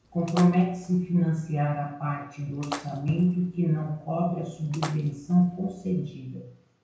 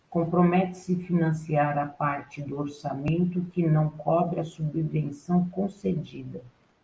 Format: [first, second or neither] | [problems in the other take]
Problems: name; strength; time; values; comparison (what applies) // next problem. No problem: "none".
second | background sound (Splash, splatter); 17 dB below the speech // room echo; dies away in 0.5 s